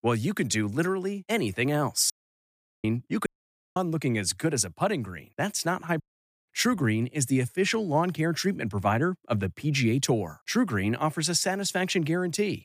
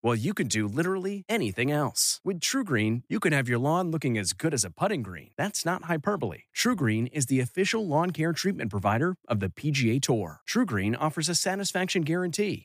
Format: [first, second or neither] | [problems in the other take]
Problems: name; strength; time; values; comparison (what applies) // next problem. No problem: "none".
second | audio cutting out; at 2 s for 0.5 s, at 3.5 s for 0.5 s and at 6 s